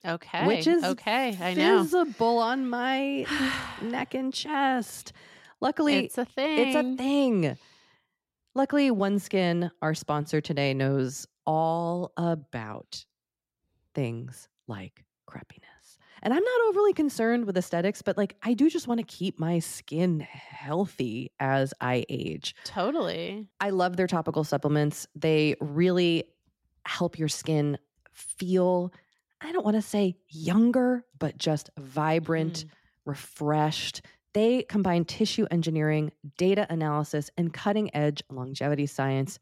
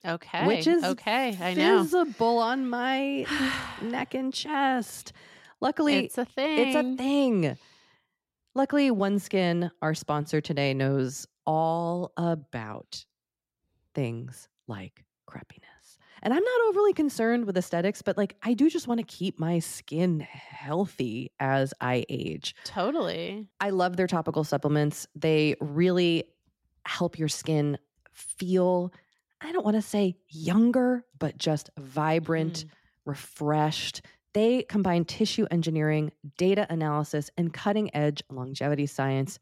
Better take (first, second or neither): neither